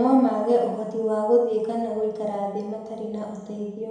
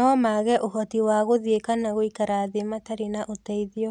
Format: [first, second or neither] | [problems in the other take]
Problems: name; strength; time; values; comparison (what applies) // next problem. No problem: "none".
second | room echo; dies away in 1 s